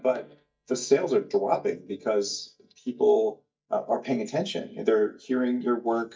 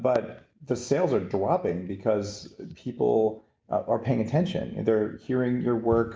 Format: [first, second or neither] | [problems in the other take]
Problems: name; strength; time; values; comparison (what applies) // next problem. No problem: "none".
second | noise reduction (neural mask model DeepFilterNet 3)